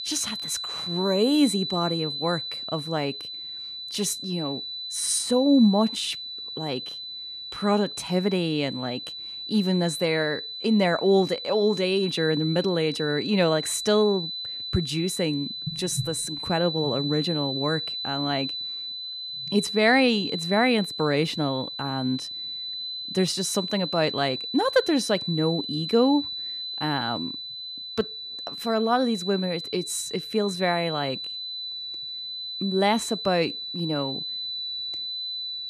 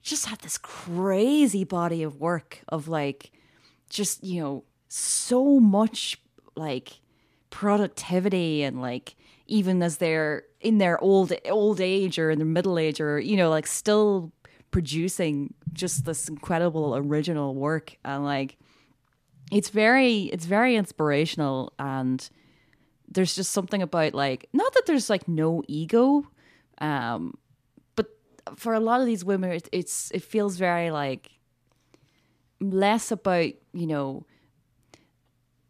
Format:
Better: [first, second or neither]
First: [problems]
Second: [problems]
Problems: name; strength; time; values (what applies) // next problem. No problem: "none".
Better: second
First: high-pitched whine; loud; throughout; 4 kHz, 6 dB below the speech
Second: none